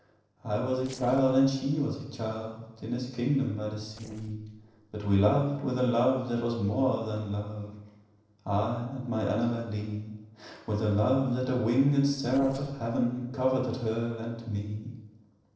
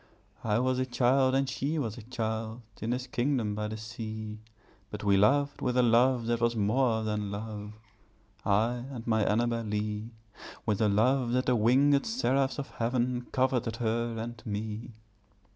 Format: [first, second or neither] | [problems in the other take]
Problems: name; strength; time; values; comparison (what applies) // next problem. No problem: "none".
second | noise reduction (neural separator model SepFormer DNS4)